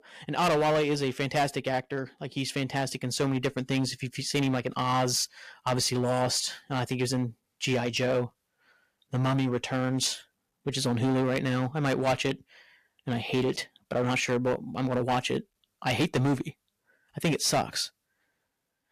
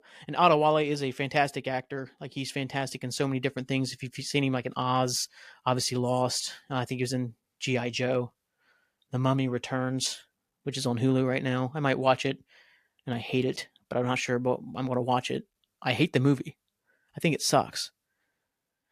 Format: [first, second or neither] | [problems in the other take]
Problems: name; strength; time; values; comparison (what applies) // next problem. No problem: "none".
second | distortion; heavy; 7% of the sound clipped